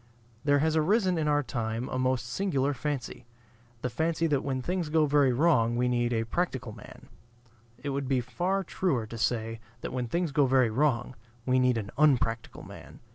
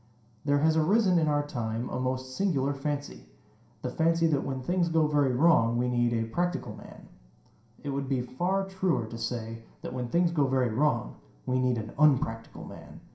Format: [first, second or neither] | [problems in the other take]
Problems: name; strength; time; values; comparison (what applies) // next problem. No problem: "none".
first | room echo; dies away in 0.5 s